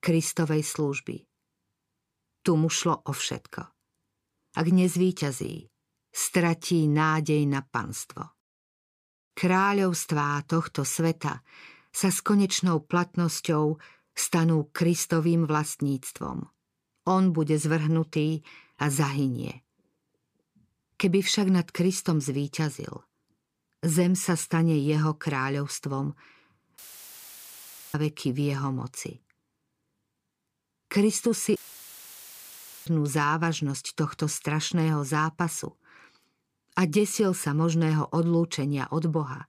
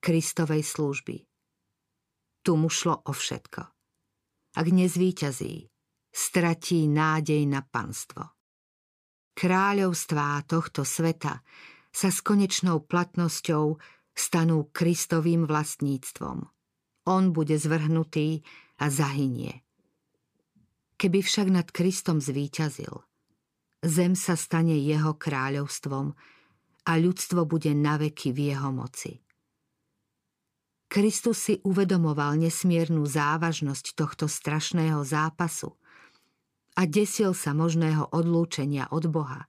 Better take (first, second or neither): second